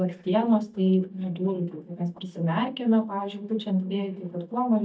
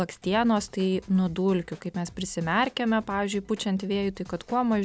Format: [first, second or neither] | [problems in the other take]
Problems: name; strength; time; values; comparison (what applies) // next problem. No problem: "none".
second | noise reduction (neural mask model DeepFilterNet 3)